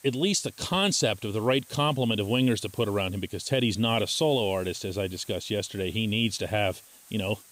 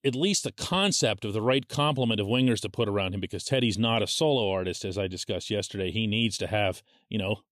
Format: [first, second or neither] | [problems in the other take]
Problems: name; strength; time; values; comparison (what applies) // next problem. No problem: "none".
second | hiss; faint; throughout; 20 dB below the speech